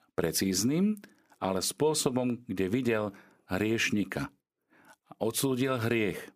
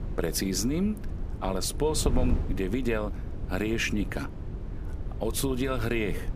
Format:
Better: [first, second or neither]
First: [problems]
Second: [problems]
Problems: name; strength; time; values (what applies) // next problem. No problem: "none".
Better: first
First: none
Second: wind noise on the microphone; occasional gusts; 15 dB below the speech